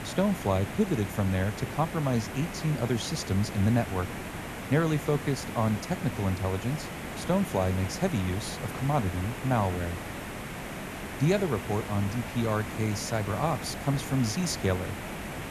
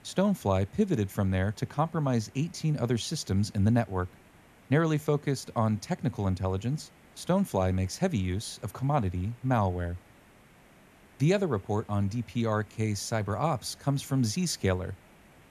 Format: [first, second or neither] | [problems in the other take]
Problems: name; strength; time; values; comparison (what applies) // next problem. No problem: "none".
second | hiss; loud; throughout; 8 dB below the speech; faint in the second